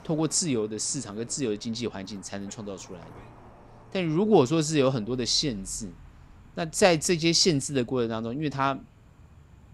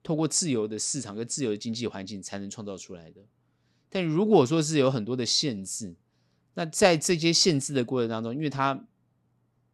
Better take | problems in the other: second | traffic noise; faint; throughout; 25 dB below the speech

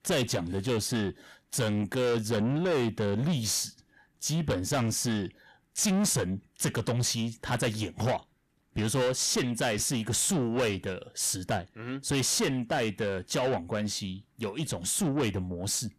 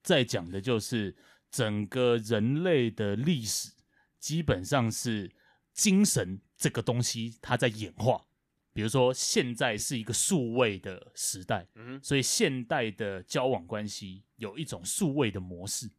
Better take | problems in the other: second | distortion; heavy; 7 dB below the speech

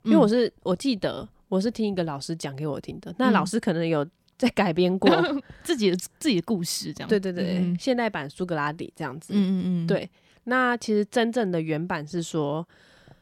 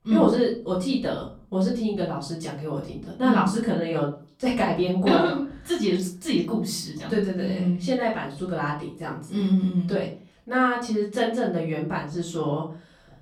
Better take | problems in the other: first | room echo; slight; dies away in 0.3 s // off-mic speech; far

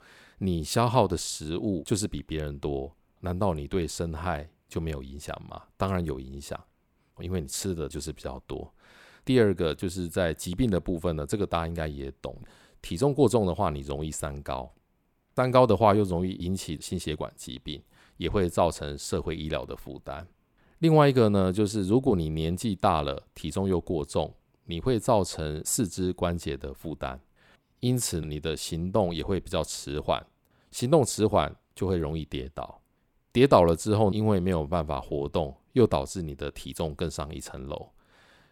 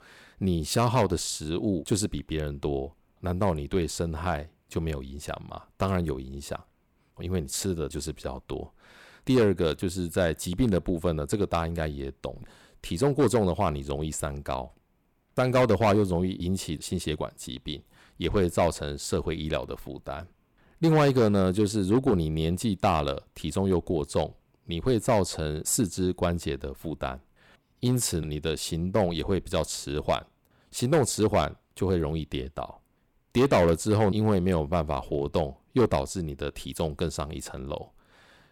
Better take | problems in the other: first | distortion; slight; 2% of the sound clipped

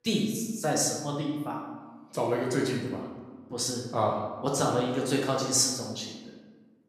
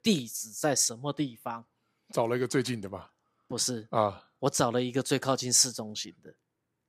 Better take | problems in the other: second | room echo; noticeable; dies away in 1.1 s // off-mic speech; somewhat distant

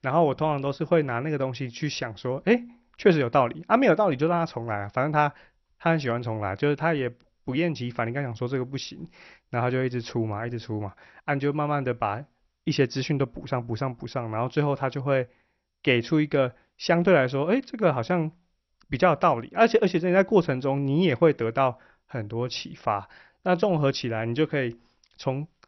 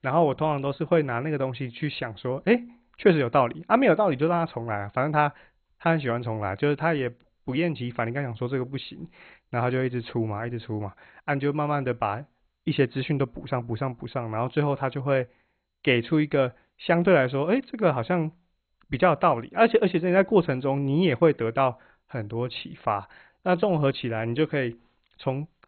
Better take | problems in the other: first | garbled, watery; badly; nothing above 4 kHz; slightly in the first

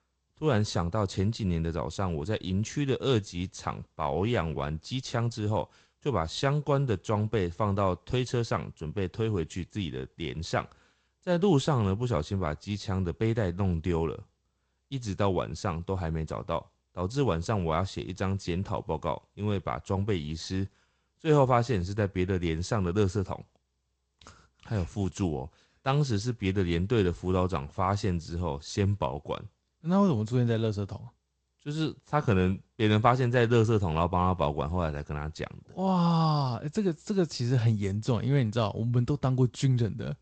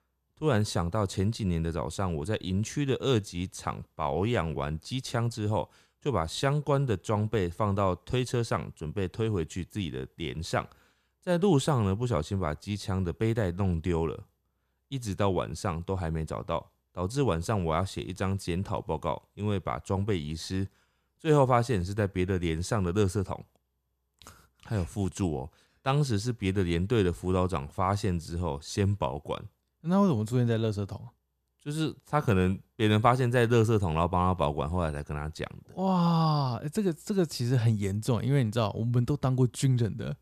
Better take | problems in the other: second | garbled, watery; slightly; nothing above 8 kHz

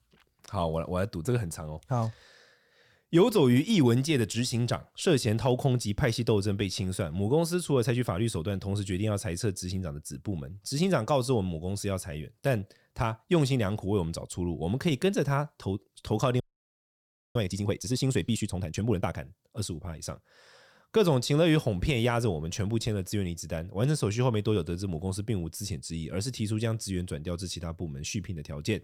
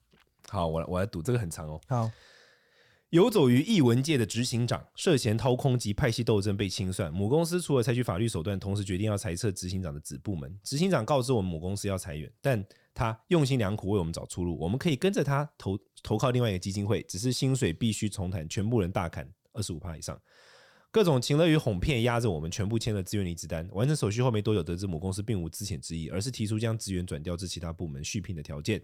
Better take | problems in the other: second | audio freezing; at 16 s for 1 s

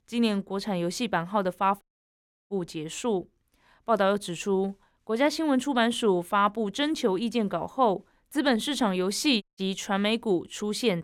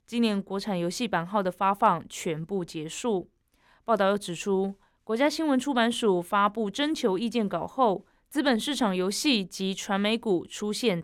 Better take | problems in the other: second | audio cutting out; at 2 s for 0.5 s and at 9.5 s

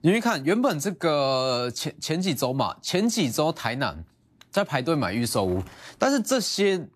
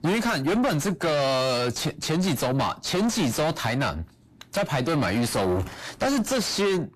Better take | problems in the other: first | distortion; heavy; 5 dB below the speech

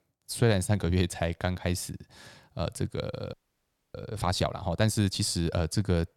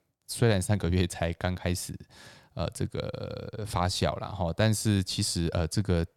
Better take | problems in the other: second | audio freezing; at 3.5 s for 0.5 s

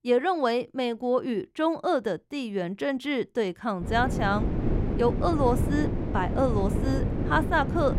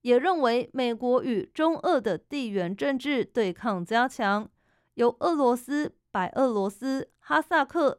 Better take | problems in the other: second | wind noise on the microphone; heavy; from 4 s on; 8 dB below the speech

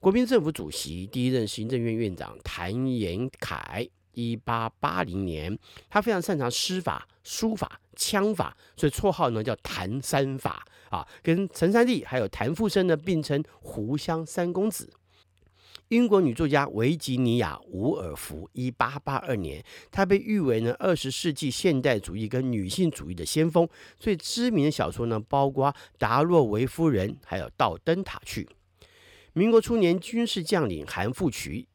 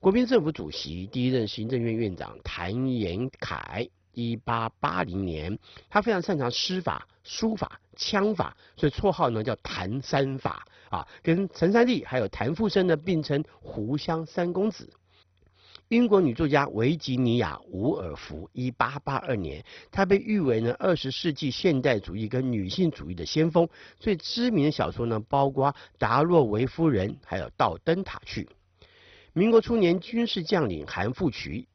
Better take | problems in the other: first | garbled, watery; badly; nothing above 6 kHz

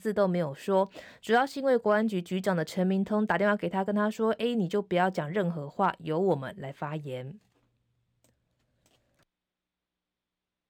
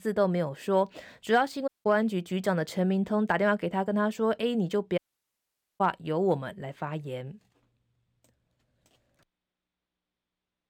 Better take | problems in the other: first | audio cutting out; at 1.5 s and at 5 s for 1 s

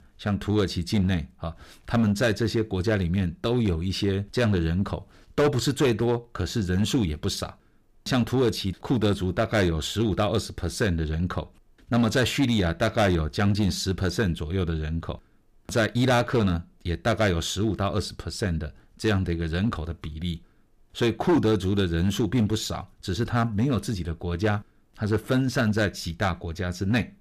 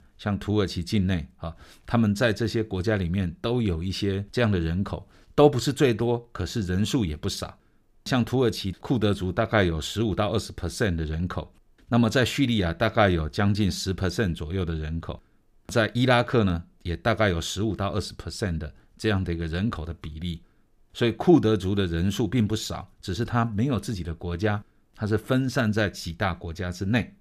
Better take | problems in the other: second | distortion; slight; 4% of the sound clipped

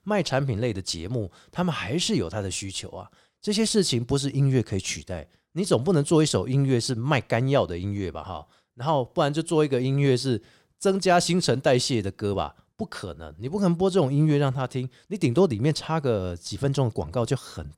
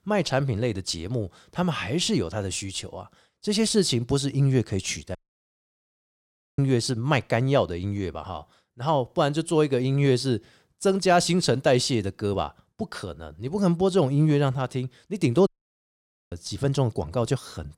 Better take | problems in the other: first | audio cutting out; at 5 s for 1.5 s and at 15 s for 1 s

